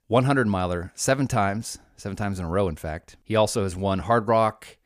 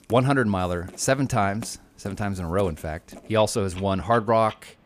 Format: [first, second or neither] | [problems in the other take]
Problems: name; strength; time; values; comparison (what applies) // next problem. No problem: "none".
first | household noises; faint; throughout; 20 dB below the speech